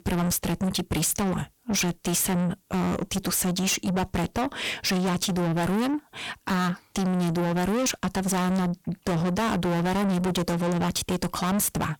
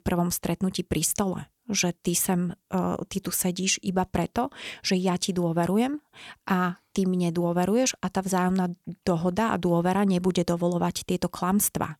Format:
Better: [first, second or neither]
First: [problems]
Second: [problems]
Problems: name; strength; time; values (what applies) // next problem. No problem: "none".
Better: second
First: distortion; heavy; 6 dB below the speech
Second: none